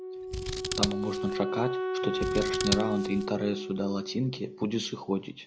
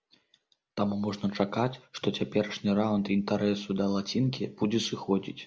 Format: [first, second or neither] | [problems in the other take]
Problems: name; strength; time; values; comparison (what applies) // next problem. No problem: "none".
second | background sound (Wind instrument, woodwind instrument + Scissors); 1 dB below the speech